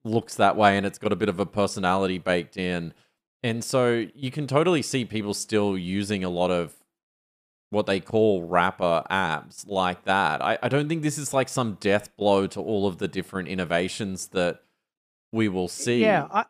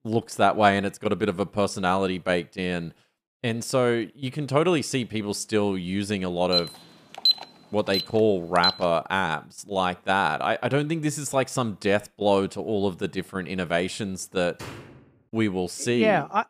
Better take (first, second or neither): first